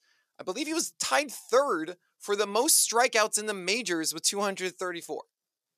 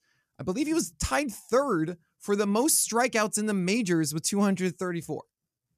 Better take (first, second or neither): second